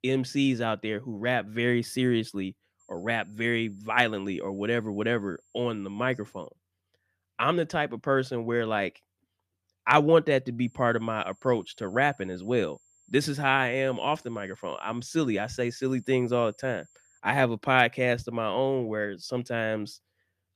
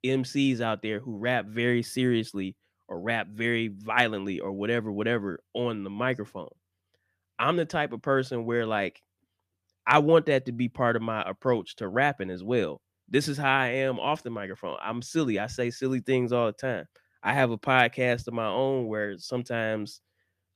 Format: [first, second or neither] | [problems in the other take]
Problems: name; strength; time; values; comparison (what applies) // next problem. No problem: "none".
second | high-pitched whine; faint; from 3 to 6.5 s and from 11 to 17 s; 7.5 kHz, 35 dB below the speech